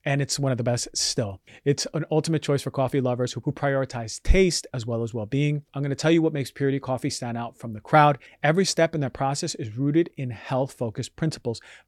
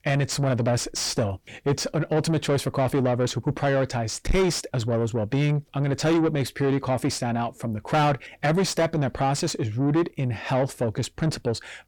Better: first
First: none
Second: distortion; heavy; 7 dB below the speech

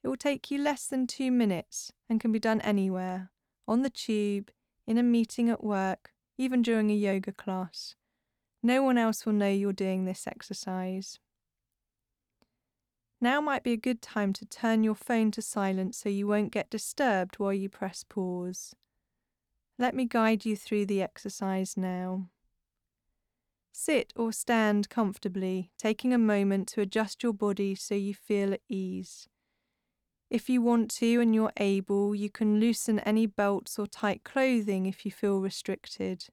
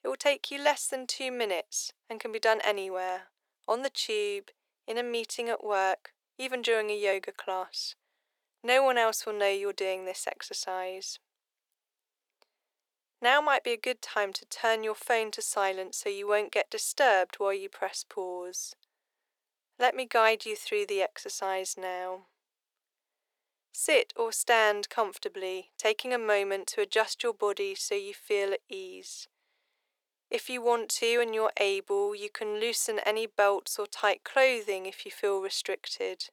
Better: first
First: none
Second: thin; very; fading below 400 Hz

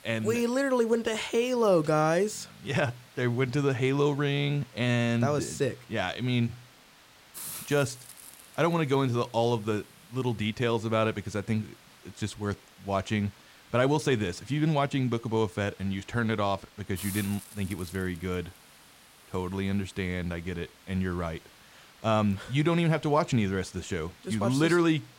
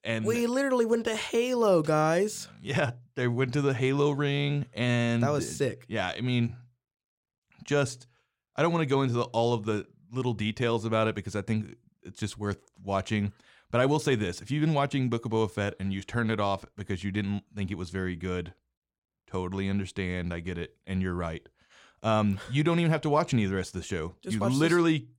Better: second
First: hiss; faint; throughout; 20 dB below the speech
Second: none

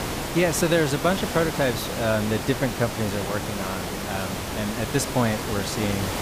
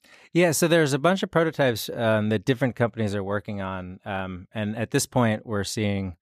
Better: second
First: hiss; loud; throughout; 4 dB below the speech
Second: none

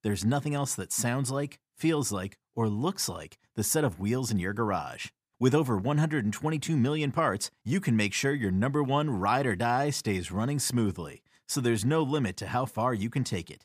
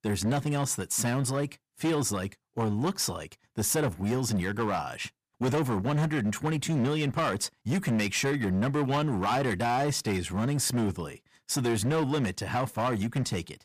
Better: first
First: none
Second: distortion; slight; 14% of the sound clipped

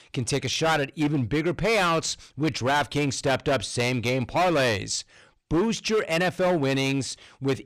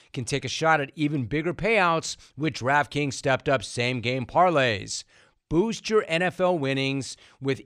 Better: second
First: distortion; heavy; 13% of the sound clipped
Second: none

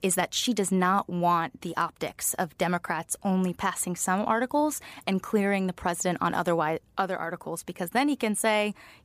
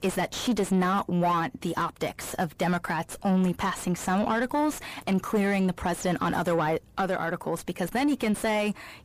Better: first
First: none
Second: distortion; heavy; 6 dB below the speech

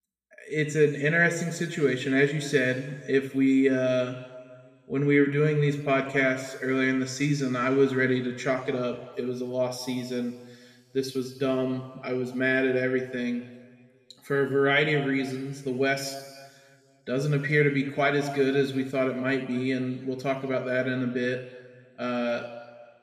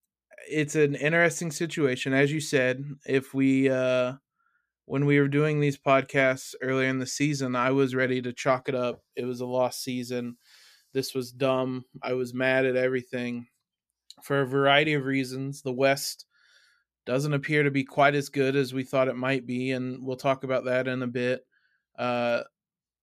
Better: second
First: room echo; slight; dies away in 1.6 s // off-mic speech; somewhat distant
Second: none

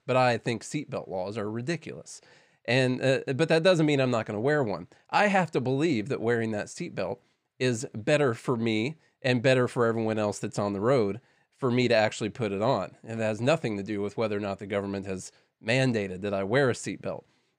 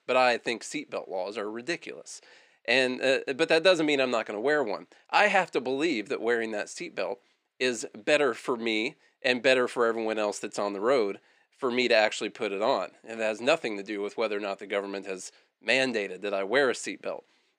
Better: first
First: none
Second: thin; somewhat; fading below 300 Hz

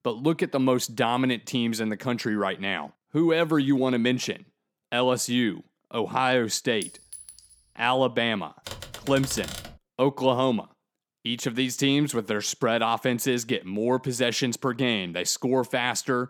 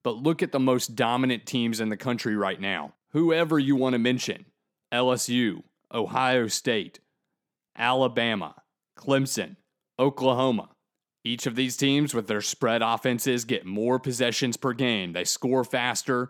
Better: second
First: clattering dishes; faint; at 7 s; peak 10 dB below the speech // keyboard typing; faint; from 8.5 to 10 s; peak 10 dB below the speech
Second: none

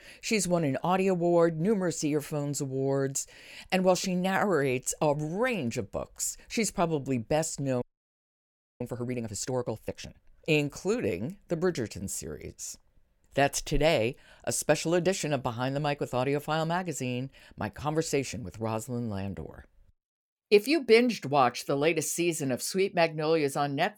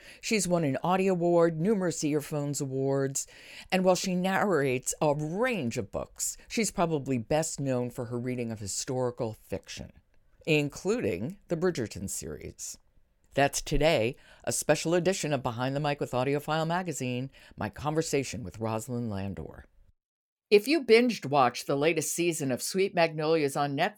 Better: second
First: audio freezing; at 8 s for 1 s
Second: none

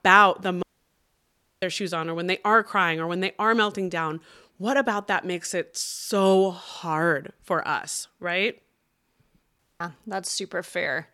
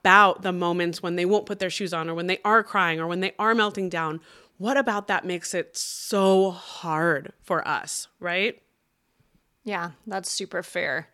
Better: second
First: audio cutting out; at 0.5 s for 1 s and at 9.5 s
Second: none

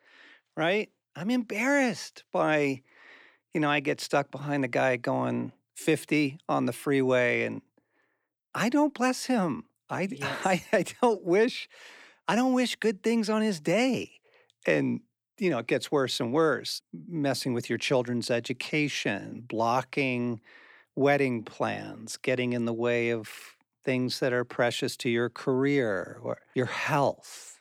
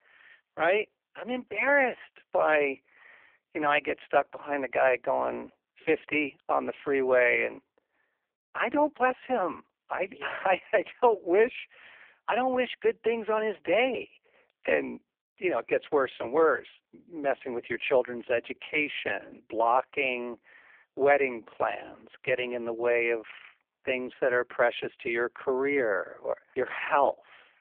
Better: first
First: none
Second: phone-call audio; poor line

